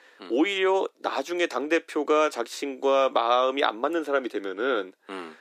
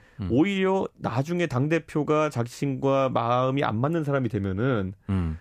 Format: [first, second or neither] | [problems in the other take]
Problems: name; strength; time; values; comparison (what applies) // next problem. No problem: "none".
second | thin; somewhat; fading below 300 Hz